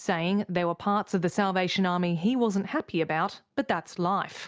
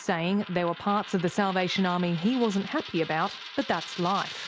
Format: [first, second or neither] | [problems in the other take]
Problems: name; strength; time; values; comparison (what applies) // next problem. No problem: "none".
first | background sound (Coin (dropping)); 14 dB below the speech